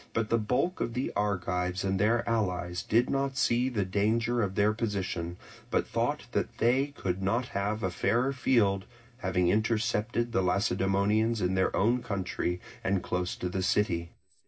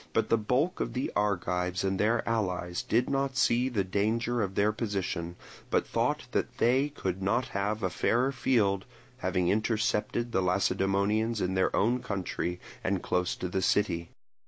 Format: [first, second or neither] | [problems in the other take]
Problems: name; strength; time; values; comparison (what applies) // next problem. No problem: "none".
second | room echo; dies away in 0.4 s